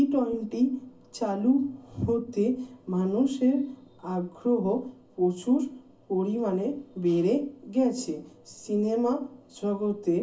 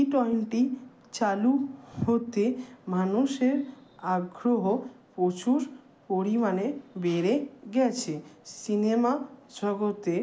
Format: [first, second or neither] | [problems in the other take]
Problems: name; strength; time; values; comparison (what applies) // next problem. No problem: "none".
second | room echo; dies away in 0.2 s